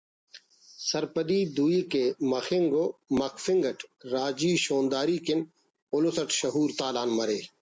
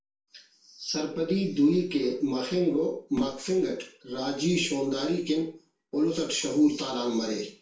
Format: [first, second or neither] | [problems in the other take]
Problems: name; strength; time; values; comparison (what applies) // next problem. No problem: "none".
first | room echo; dies away in 0.4 s